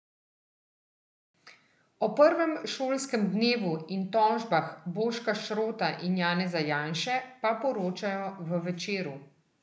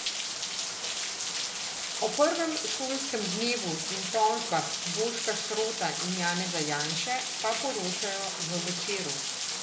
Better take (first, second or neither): first